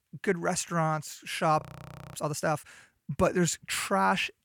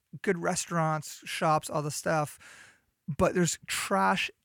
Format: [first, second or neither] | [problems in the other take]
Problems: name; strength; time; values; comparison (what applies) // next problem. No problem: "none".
second | audio freezing; at 1.5 s for 0.5 s